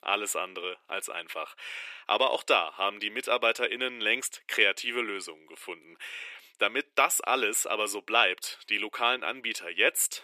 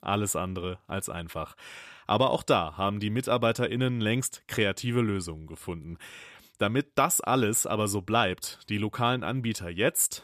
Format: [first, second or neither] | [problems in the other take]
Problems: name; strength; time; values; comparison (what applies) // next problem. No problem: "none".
second | thin; very; fading below 350 Hz